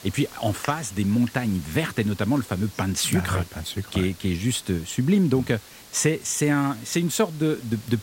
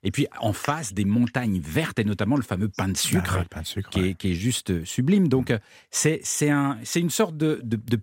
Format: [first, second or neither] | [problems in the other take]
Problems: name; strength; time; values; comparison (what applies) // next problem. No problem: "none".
second | hiss; noticeable; throughout; 20 dB below the speech